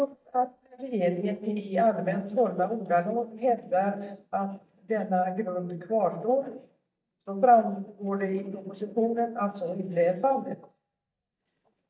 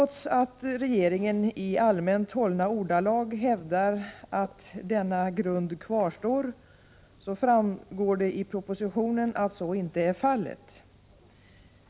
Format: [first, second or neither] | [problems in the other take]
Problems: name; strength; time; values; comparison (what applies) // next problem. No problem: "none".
second | noise reduction (neural mask model DeepFilterNet 3)